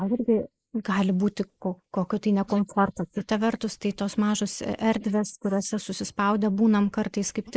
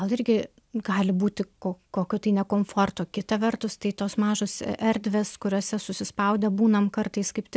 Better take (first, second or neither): second